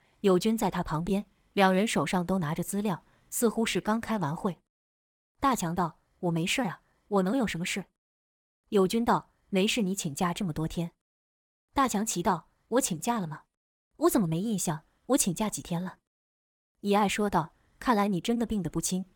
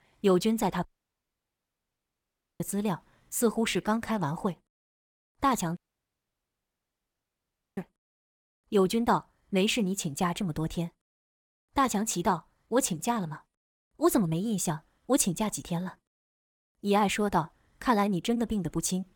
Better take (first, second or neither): first